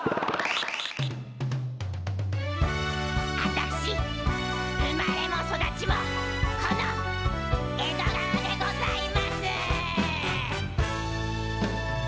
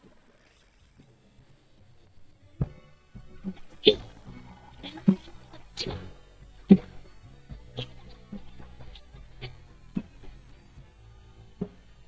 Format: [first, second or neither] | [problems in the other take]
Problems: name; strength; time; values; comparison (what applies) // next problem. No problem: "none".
first | noise reduction (neural mask model DeepFilterNet 3)